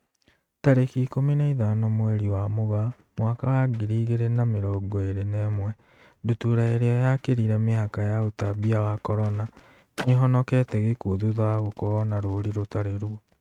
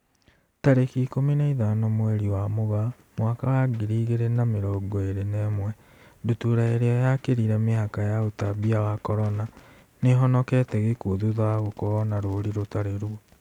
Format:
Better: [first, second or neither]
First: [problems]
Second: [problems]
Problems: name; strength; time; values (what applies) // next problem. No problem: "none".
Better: second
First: noise reduction (neural mask model RNNoise)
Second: none